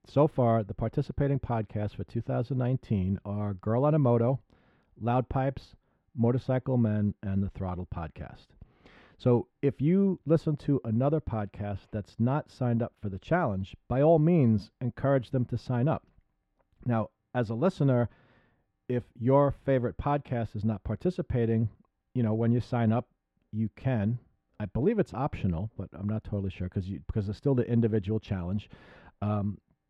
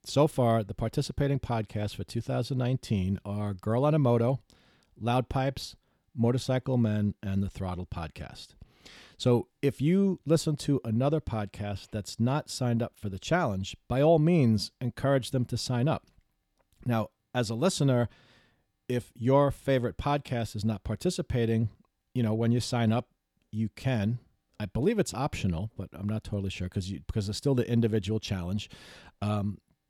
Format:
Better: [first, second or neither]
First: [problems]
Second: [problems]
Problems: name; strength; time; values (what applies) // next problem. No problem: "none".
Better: second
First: muffled; very; fading above 3.5 kHz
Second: none